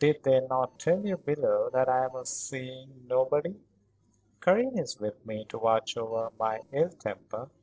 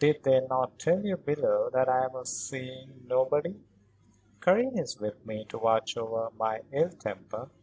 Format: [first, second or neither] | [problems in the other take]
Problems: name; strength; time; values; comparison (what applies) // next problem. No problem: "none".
second | noise reduction (neural separator model SepFormer DNS4)